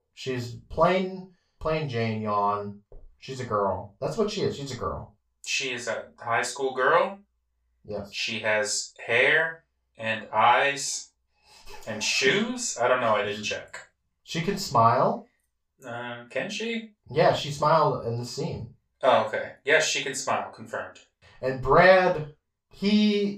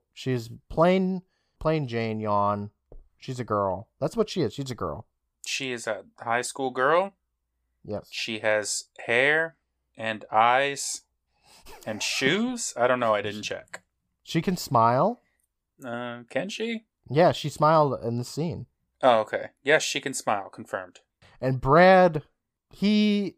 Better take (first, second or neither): second